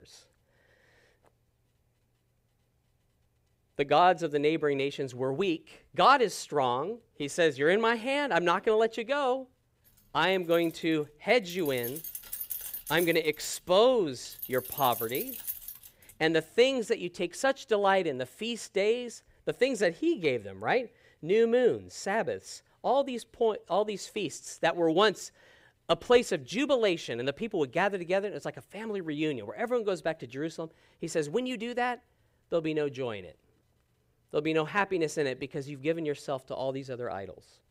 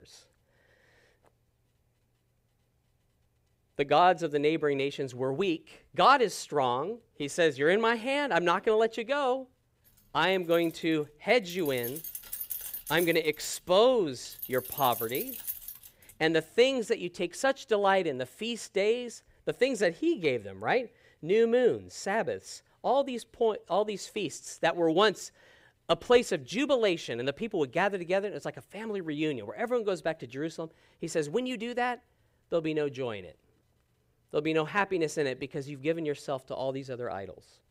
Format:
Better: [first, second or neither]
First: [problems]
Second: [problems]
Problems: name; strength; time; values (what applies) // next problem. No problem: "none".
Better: neither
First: jangling keys; noticeable; from 11 to 16 s; peak 6 dB below the speech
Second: jangling keys; noticeable; from 11 to 16 s; peak 6 dB below the speech